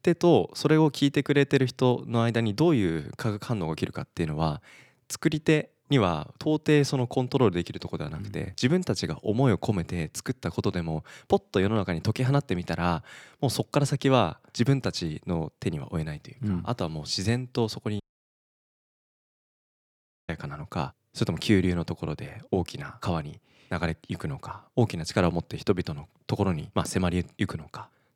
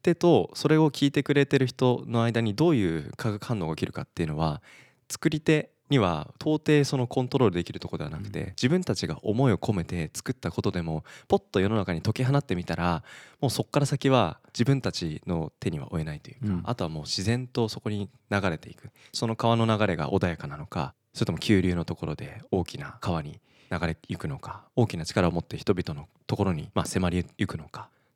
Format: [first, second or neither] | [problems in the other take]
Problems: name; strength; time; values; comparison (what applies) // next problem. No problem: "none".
second | audio cutting out; at 18 s for 2.5 s